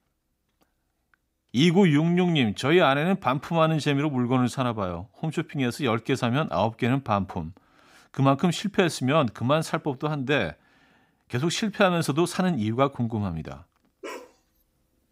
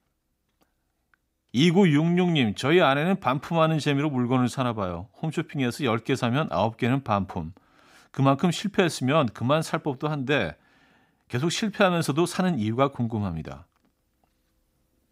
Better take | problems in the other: second | dog barking; faint; at 14 s; peak 15 dB below the speech

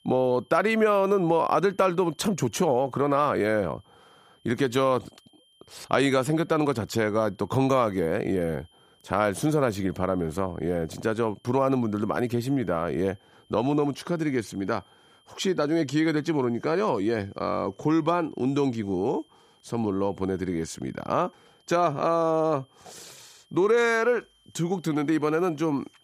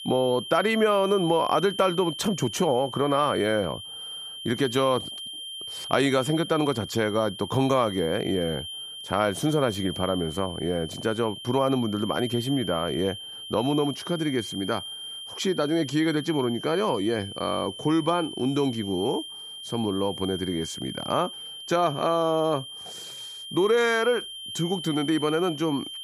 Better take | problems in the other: first | high-pitched whine; loud; throughout; 3 kHz, 9 dB below the speech; faint in the first

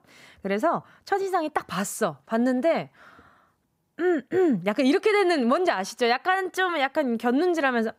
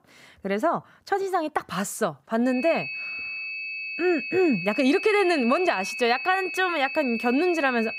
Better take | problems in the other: first | high-pitched whine; loud; from 2.5 s on; 2.5 kHz, 6 dB below the speech

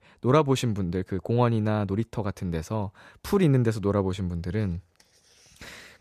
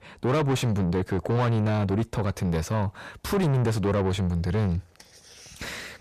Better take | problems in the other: first | distortion; heavy; 6 dB below the speech

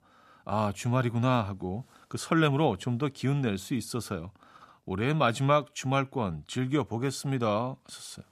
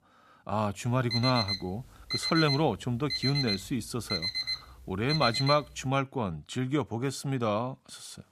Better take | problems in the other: first | alarm; loud; from 1 to 5.5 s; peak level with the speech

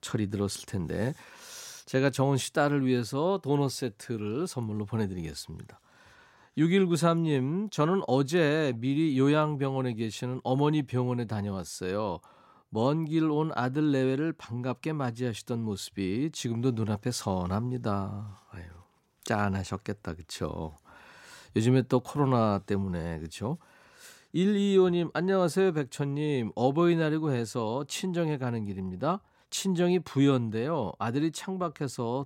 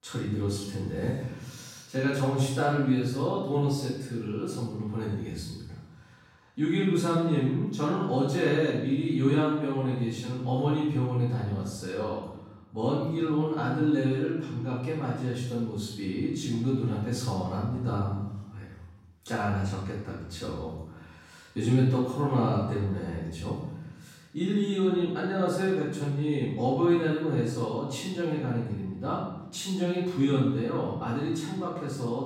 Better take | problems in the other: first | off-mic speech; far // room echo; noticeable; dies away in 0.9 s

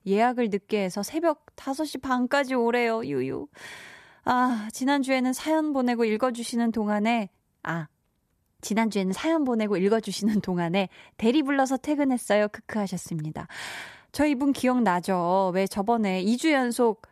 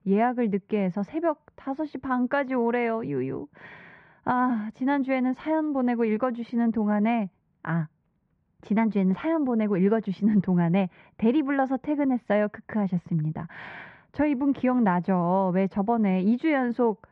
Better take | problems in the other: first | muffled; very; fading above 2.5 kHz

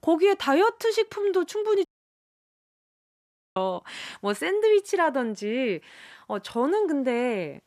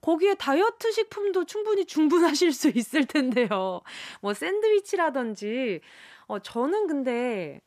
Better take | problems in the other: second | audio cutting out; at 2 s for 1.5 s

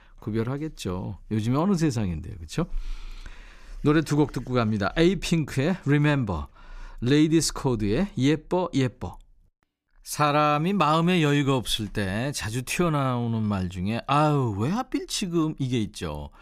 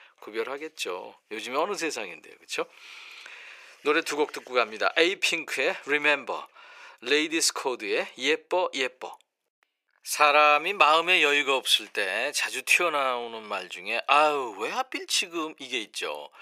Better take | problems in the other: first | thin; very; fading below 450 Hz

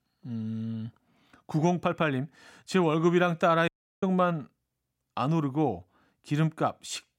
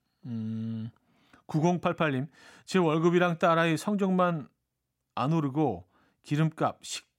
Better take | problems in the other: second | audio cutting out; at 3.5 s

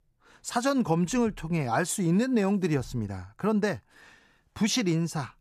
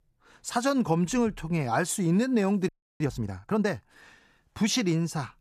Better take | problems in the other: first | audio freezing; at 2.5 s

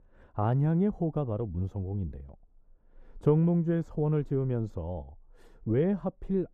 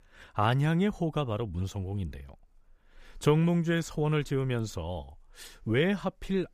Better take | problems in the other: second | muffled; very; fading above 1.5 kHz

